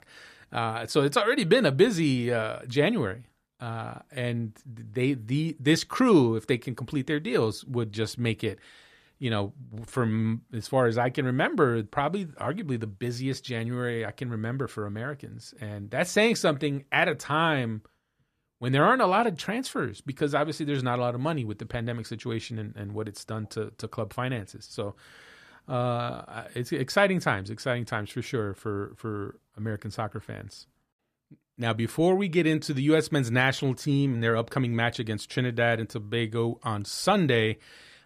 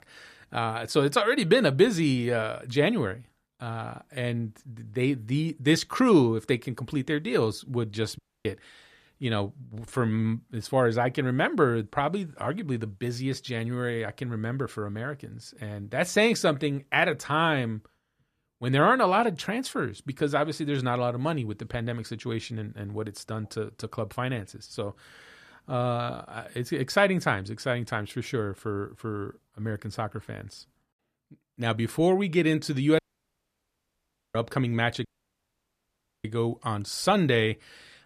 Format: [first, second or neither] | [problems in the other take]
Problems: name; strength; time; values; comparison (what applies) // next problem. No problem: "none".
first | audio cutting out; at 8 s, at 33 s for 1.5 s and at 35 s for 1 s